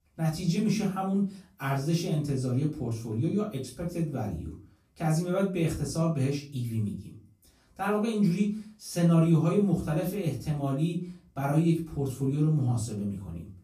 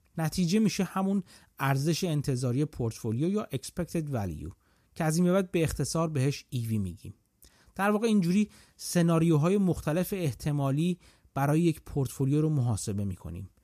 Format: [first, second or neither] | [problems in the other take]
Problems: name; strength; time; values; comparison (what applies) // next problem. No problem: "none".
second | off-mic speech; far // room echo; slight; dies away in 0.3 s